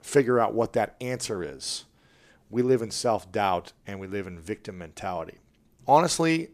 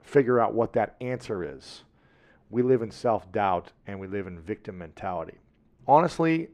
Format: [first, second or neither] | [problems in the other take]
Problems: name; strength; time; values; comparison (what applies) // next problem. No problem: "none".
first | muffled; slightly; fading above 4 kHz